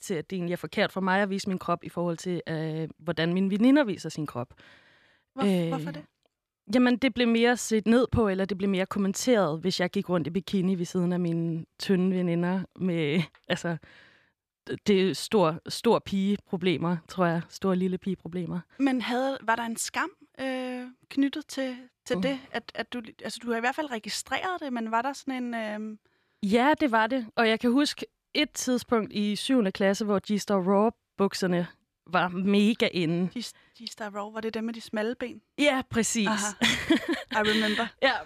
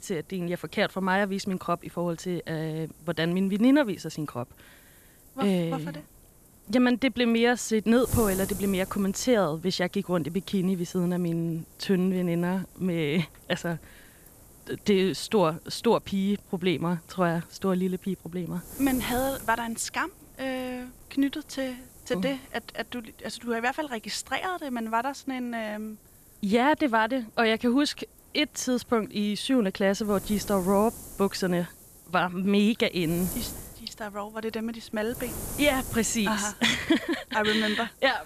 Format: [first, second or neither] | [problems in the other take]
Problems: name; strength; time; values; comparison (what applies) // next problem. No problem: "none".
first | wind noise on the microphone; occasional gusts; 20 dB below the speech